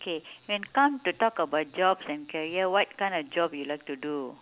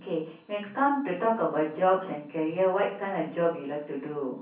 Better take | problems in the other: first | room echo; dies away in 0.6 s

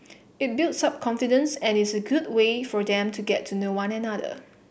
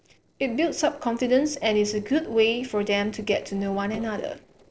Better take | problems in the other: first | noise reduction (neural separator model SepFormer DNS4)

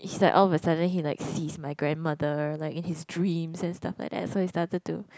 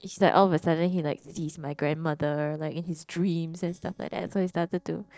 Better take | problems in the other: first | noise reduction (neural separator model SepFormer DNS4)

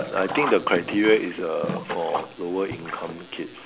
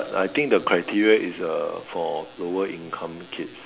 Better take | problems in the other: second | background sound (Sink (filling or washing)); 9 dB below the speech

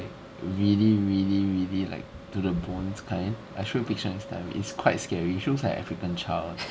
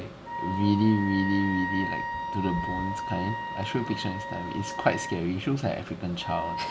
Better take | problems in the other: first | background sound (Wind instrument, woodwind instrument); 6 dB below the speech

